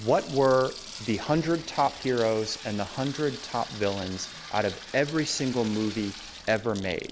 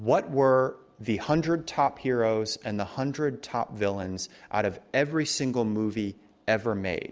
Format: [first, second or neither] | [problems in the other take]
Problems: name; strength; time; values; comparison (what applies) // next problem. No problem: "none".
second | background sound (Sink (filling or washing) / Water tap, faucet); 14 dB below the speech